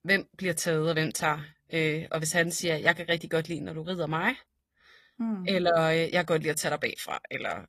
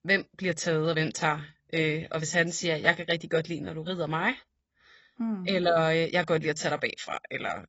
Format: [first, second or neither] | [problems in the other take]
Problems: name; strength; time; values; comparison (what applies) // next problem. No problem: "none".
first | garbled, watery; badly; nothing above 8 kHz; slightly in the first